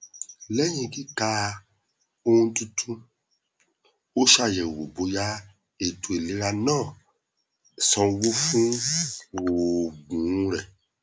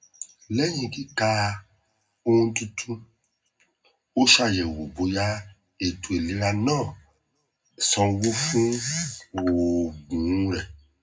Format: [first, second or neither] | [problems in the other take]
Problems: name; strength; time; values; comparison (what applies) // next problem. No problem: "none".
first | room echo; dies away in 0.3 s